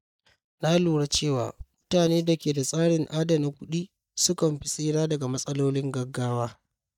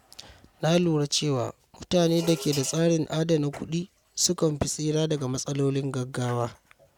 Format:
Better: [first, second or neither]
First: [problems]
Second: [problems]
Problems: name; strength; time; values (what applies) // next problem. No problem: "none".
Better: second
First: noise reduction (neural mask model DeepFilterNet 3)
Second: none